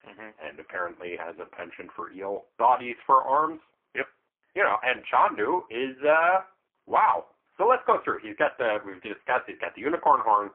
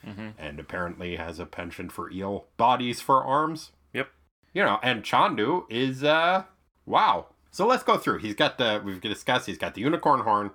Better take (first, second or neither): second